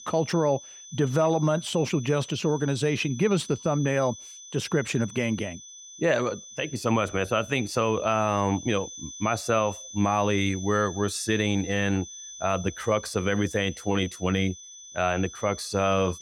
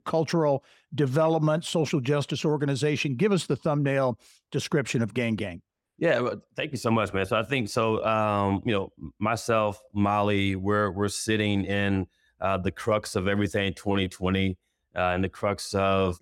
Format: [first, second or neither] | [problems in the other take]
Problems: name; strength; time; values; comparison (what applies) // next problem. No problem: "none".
second | high-pitched whine; noticeable; throughout; 6 kHz, 15 dB below the speech